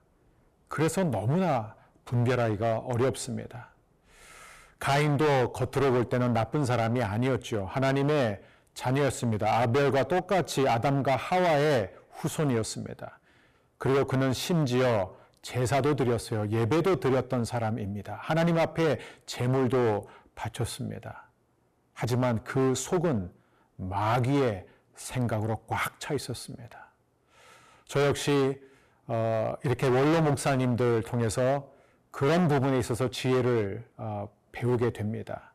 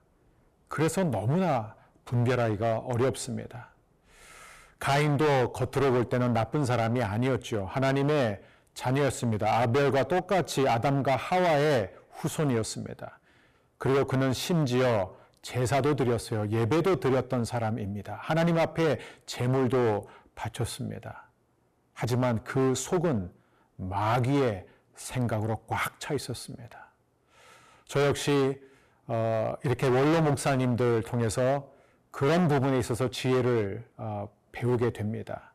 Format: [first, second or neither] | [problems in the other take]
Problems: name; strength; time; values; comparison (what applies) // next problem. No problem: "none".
neither | distortion; heavy; 13% of the sound clipped; the same in both